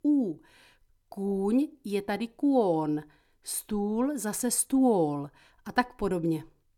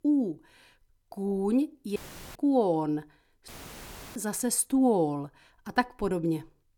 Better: first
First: none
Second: audio cutting out; filled with static; at 2 s and at 3.5 s for 0.5 s

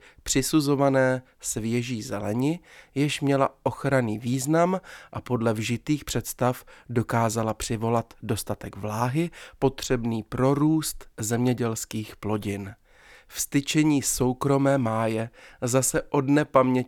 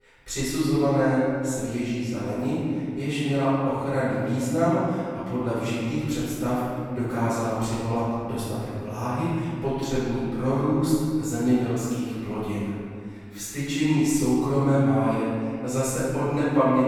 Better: first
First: none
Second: off-mic speech; far // room echo; strong; dies away in 2.1 s

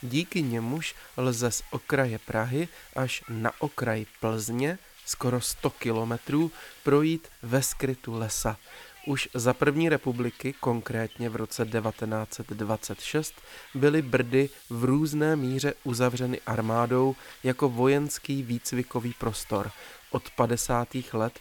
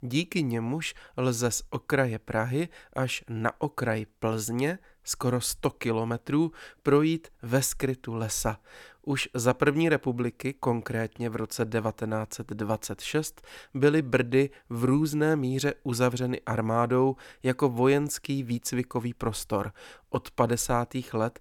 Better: second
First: hiss; faint; throughout; 20 dB below the speech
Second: none

